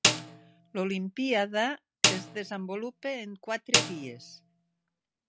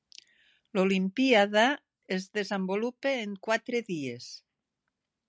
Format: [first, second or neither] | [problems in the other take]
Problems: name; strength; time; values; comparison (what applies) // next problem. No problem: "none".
second | background sound (Snare drum); 2 dB above the speech